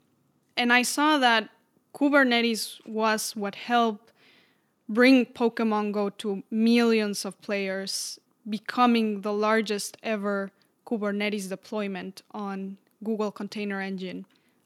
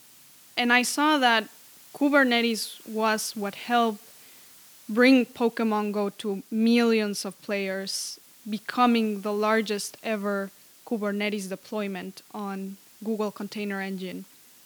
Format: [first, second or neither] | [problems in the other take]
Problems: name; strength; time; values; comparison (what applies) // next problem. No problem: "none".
first | hiss; faint; throughout; 25 dB below the speech